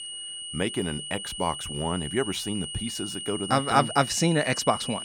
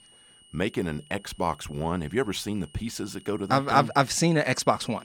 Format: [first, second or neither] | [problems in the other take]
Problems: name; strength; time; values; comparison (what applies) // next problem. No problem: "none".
second | high-pitched whine; loud; throughout; 3 kHz, 7 dB below the speech; faint in the second